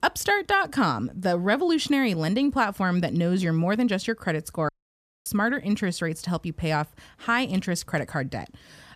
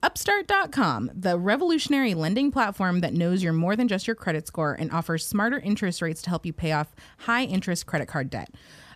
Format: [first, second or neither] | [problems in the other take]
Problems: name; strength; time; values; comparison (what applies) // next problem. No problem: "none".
second | audio cutting out; at 4.5 s for 0.5 s